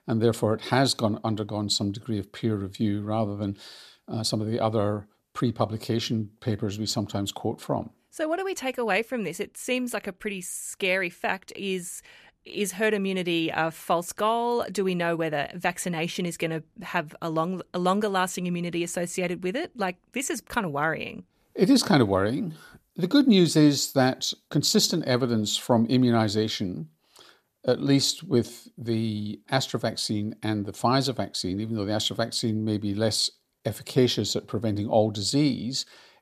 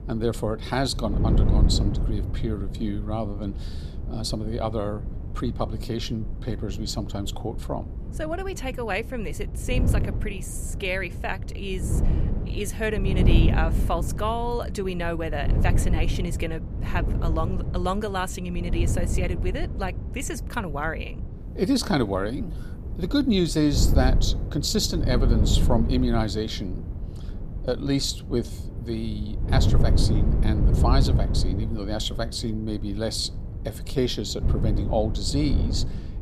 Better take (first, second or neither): first